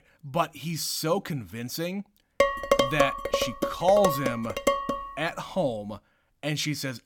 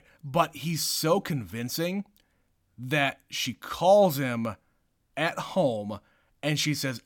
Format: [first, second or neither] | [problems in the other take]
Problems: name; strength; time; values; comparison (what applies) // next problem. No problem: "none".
second | clattering dishes; loud; from 2.5 to 5 s; peak 6 dB above the speech